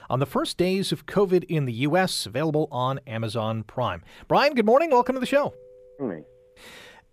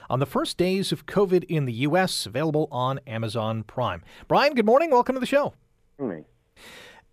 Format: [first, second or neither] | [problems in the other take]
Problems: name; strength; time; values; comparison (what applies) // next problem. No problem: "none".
second | doorbell; faint; from 5 to 6.5 s; peak 15 dB below the speech